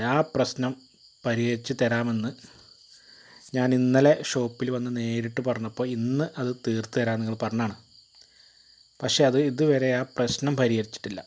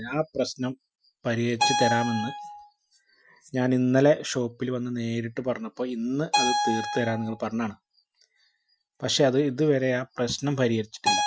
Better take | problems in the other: first | noise reduction (classical method Wiener filter)

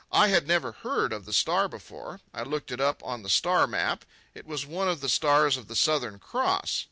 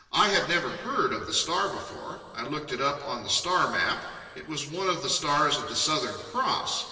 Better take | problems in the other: first | room echo; dies away in 2 s

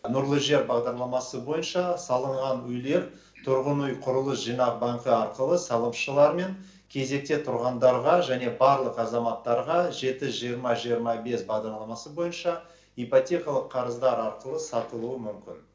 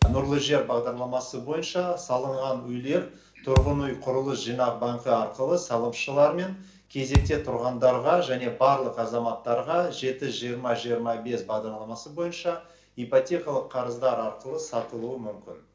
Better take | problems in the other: first | background sound (Thump, thud); 1 dB above the speech

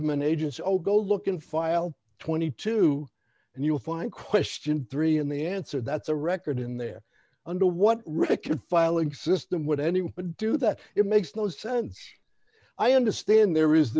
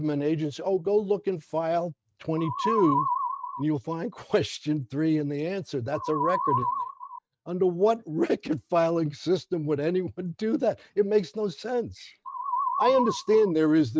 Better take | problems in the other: first | noise reduction (neural mask model RNNoise)

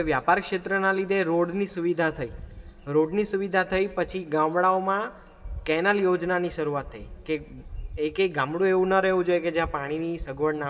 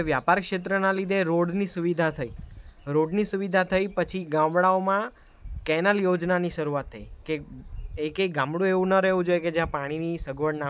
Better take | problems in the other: second | room echo; dies away in 2.3 s

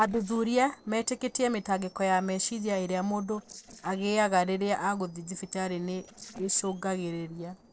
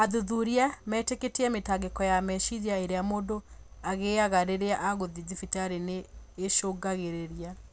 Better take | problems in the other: second | noise reduction (neural separator model SepFormer DNS4)

